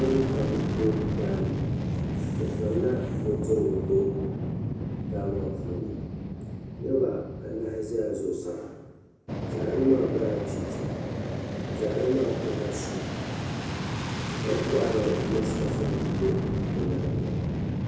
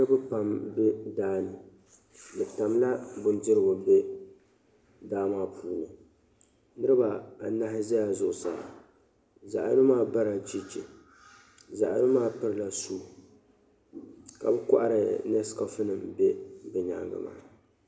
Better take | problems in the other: second | background sound (Fixed-wing aircraft, airplane); as loud as the speech // room echo; dies away in 0.9 s

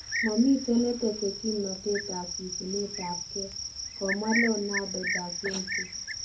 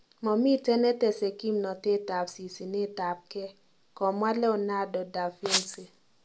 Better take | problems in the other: second | background sound (Cricket); 4 dB below the speech // room echo; dies away in 0.4 s

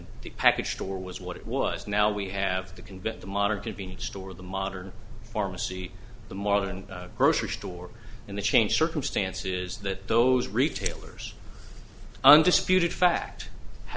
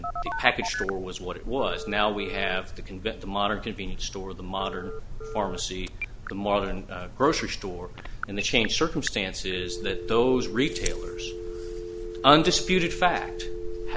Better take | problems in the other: first | background sound (Telephone); 11 dB below the speech

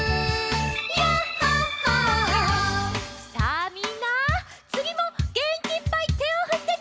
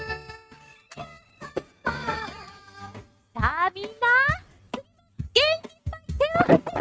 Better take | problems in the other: first | noise reduction (neural mask model RNNoise)

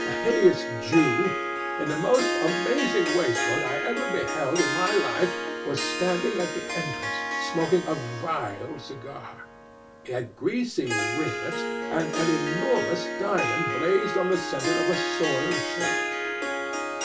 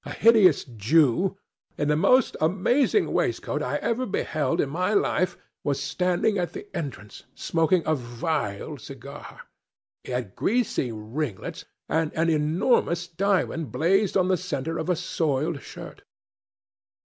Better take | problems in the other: second | background sound (Harp); 2 dB below the speech // room echo; dies away in 0.2 s

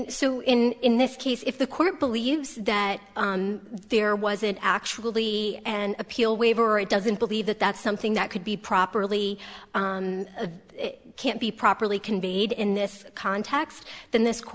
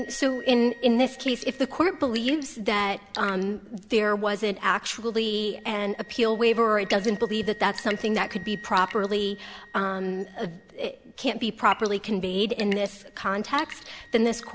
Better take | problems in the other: first | background sound (Drip / Sink (filling or washing) / Water tap, faucet / Water + Wind instrument, woodwind instrument); 18 dB below the speech

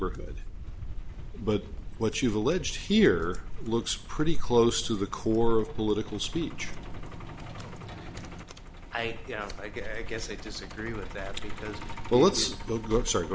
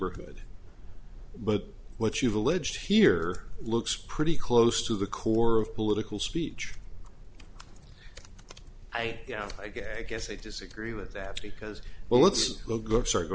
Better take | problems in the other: second | background sound (Truck); 13 dB below the speech

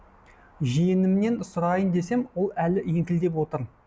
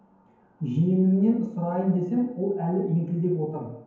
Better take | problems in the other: first | room echo; dies away in 0.9 s

